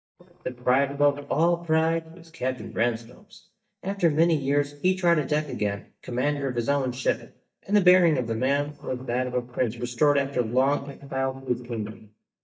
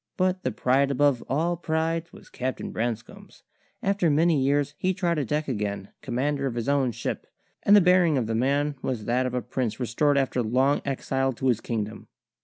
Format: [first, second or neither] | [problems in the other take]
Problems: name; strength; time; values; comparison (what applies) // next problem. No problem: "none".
second | noise reduction (neural mask model DeepFilterNet 3)